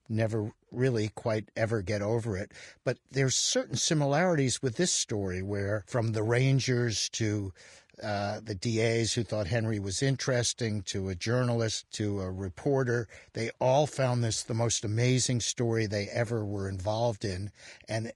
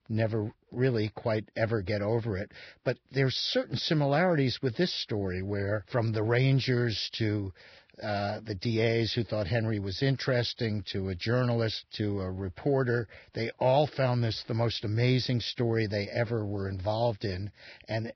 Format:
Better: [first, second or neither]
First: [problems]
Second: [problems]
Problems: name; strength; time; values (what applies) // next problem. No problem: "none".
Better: first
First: garbled, watery; slightly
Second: garbled, watery; badly; nothing above 5.5 kHz